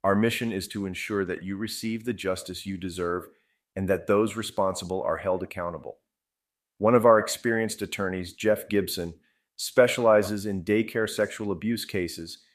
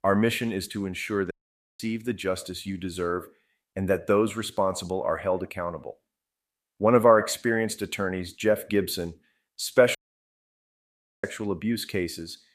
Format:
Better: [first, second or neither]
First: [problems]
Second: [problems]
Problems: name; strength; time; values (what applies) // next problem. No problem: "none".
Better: first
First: none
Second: audio cutting out; at 1.5 s and at 10 s for 1.5 s